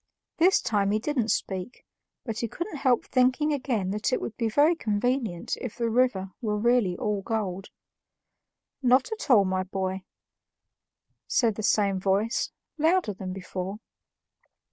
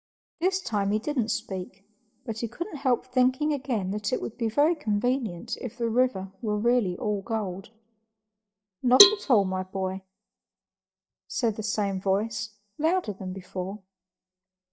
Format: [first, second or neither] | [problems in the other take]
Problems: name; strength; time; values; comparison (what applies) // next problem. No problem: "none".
first | noise reduction (neural mask model DeepFilterNet 3)